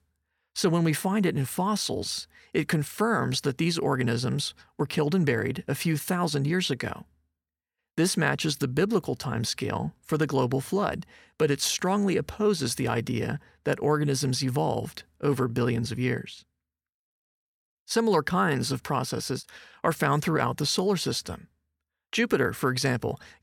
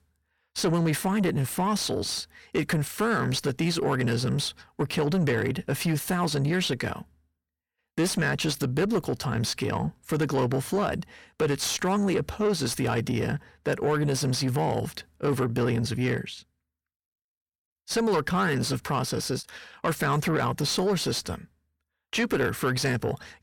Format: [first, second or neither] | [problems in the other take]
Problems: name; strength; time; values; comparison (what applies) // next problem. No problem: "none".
first | distortion; slight; 10 dB below the speech